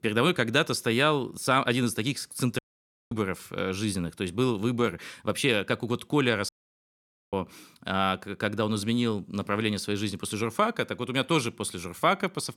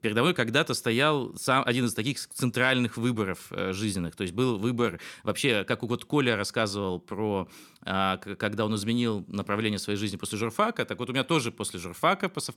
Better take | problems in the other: second | audio cutting out; at 2.5 s for 0.5 s and at 6.5 s for 1 s

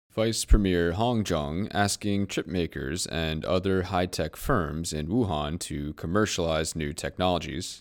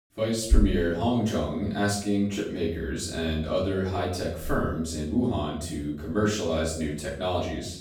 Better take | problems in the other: first | room echo; noticeable; dies away in 0.5 s // off-mic speech; far

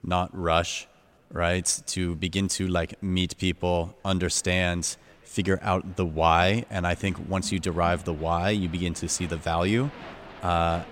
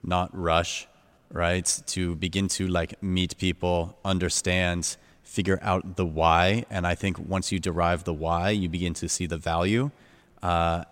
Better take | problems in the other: second | crowd noise; faint; throughout; 20 dB below the speech

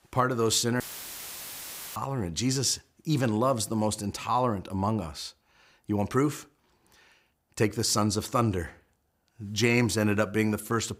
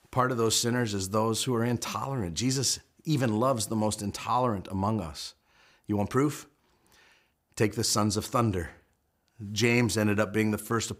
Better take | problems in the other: second | audio cutting out; filled with static; at 1 s for 1 s

